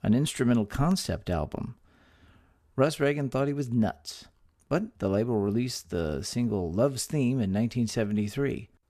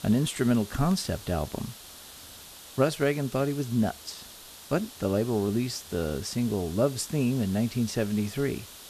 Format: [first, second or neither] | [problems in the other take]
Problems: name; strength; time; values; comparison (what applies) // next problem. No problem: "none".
first | hiss; noticeable; throughout; 15 dB below the speech